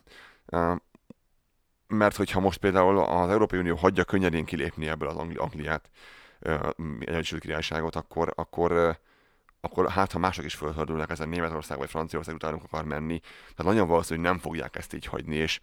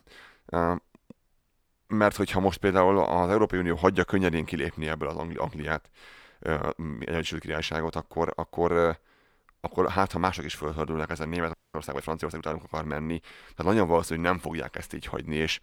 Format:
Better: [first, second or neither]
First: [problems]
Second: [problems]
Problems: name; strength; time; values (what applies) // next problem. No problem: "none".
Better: first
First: none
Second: audio freezing; at 12 s